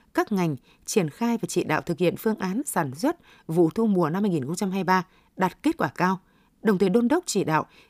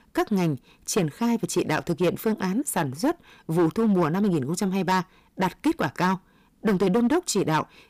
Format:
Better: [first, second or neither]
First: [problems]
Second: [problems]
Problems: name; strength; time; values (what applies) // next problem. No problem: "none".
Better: first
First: none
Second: distortion; slight; 8% of the sound clipped